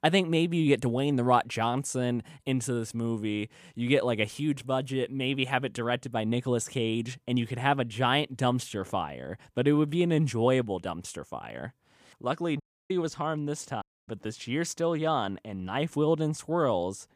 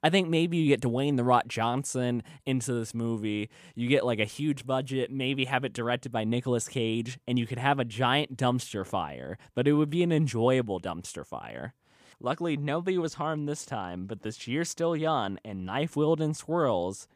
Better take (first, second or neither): second